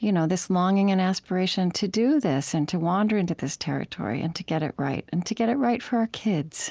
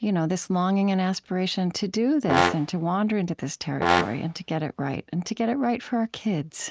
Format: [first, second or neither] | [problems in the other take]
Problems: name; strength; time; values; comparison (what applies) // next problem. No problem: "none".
first | noise reduction (neural mask model RNNoise)